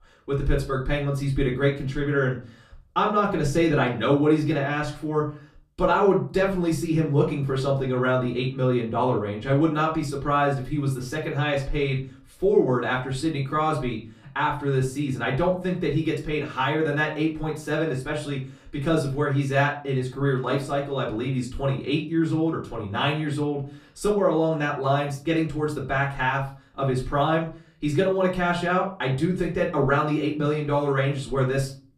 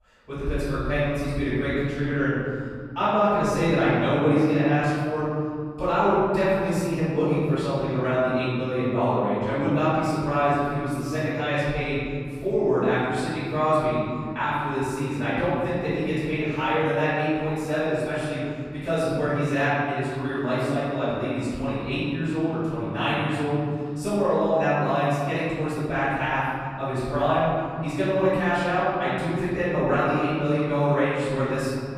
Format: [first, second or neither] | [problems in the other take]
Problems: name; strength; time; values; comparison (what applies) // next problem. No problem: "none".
first | room echo; strong; dies away in 2.4 s; slight in the first // off-mic speech; far; far in the first